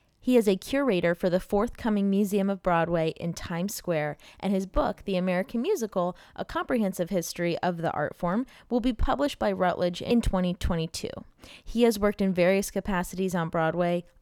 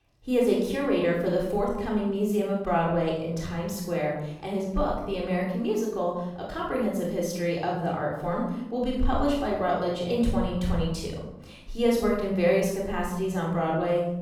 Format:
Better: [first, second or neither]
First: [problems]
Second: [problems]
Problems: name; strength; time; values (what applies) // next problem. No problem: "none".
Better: first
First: none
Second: off-mic speech; far // room echo; noticeable; dies away in 0.8 s